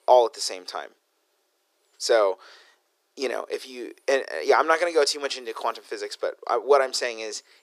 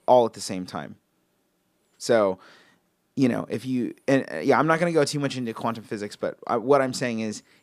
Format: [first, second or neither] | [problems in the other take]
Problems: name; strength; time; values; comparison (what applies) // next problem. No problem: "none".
second | thin; very; fading below 400 Hz